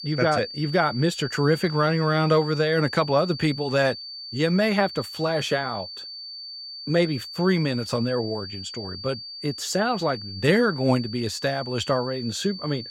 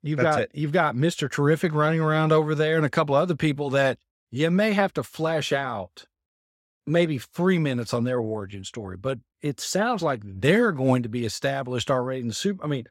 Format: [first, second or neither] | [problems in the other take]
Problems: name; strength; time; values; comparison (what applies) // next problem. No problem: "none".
second | high-pitched whine; noticeable; throughout; 4.5 kHz, 10 dB below the speech